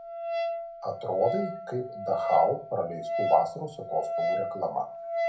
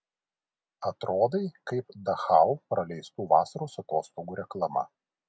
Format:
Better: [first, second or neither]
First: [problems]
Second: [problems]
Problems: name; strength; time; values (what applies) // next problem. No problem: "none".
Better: second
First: background sound (Wind instrument, woodwind instrument); 2 dB below the speech // room echo; dies away in 0.3 s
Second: none